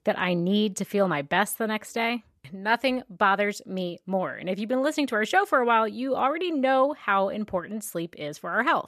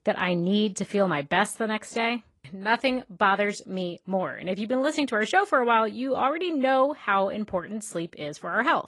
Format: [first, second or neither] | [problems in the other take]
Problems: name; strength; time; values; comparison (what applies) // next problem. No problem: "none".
first | garbled, watery; slightly; nothing above 11.5 kHz